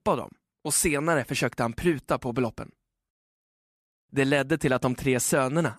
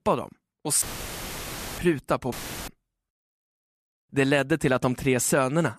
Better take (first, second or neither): first